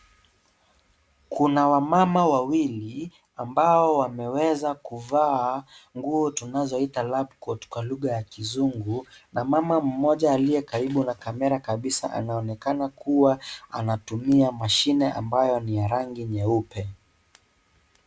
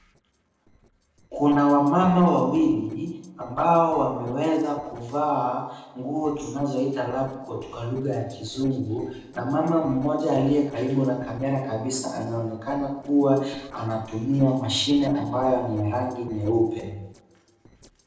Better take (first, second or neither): first